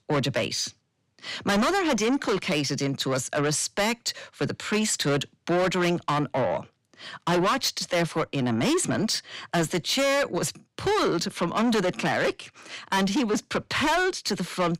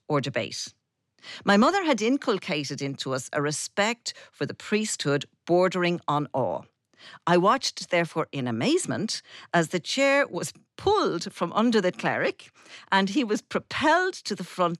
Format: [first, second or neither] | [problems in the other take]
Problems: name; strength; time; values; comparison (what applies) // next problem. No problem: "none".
second | distortion; heavy; 6 dB below the speech